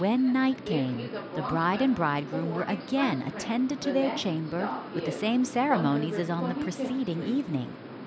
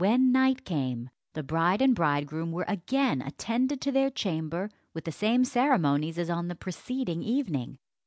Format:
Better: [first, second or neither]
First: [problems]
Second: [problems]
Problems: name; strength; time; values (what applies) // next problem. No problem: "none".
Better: second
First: background sound (Subway, metro, underground); 7 dB below the speech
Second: none